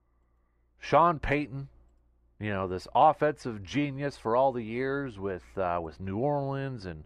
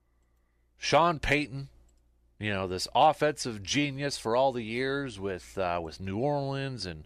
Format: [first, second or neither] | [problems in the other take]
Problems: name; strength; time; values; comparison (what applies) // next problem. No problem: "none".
second | muffled; slightly; fading above 2.5 kHz